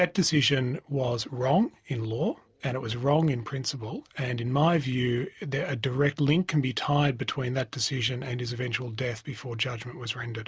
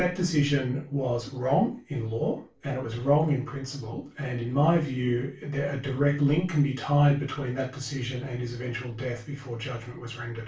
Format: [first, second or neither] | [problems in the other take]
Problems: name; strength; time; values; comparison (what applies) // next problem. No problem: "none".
first | room echo; dies away in 0.3 s